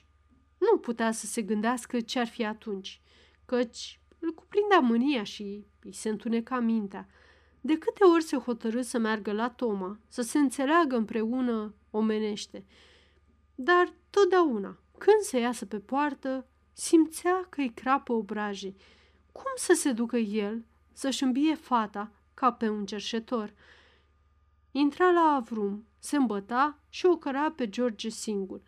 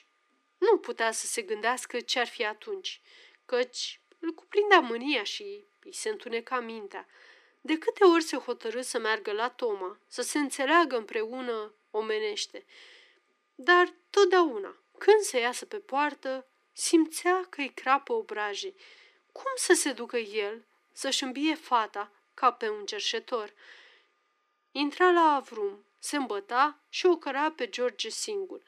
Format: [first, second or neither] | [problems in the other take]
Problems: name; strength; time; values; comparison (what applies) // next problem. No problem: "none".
first | thin; somewhat; fading below 300 Hz